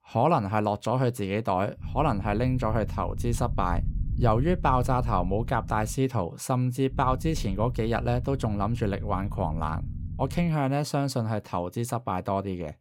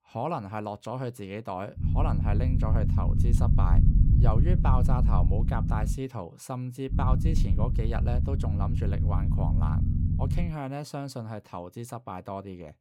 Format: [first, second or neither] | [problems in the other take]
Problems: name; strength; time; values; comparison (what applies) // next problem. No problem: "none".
first | low rumble; loud; from 2 to 6 s and from 7 to 10 s; 4 dB below the speech; faint in the first